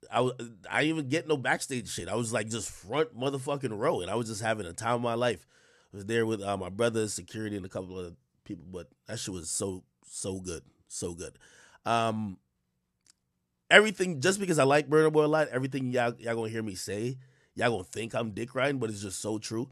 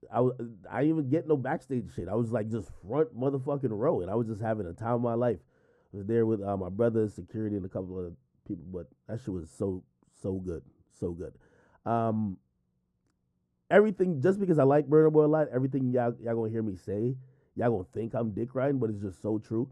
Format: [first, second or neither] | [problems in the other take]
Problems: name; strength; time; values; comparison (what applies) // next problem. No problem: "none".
first | muffled; very; fading above 1 kHz